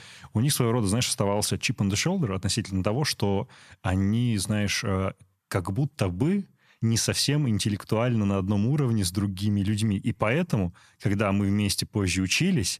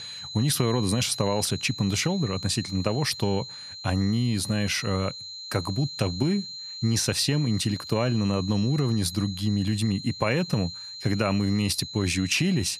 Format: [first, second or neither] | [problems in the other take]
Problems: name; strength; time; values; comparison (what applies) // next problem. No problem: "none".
first | high-pitched whine; noticeable; throughout; 4 kHz, 10 dB below the speech